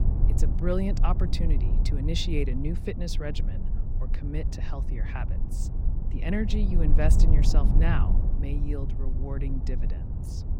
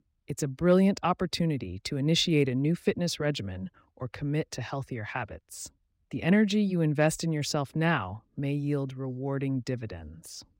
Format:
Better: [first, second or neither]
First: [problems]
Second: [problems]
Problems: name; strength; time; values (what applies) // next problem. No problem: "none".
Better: second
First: low rumble; loud; throughout; 7 dB below the speech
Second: none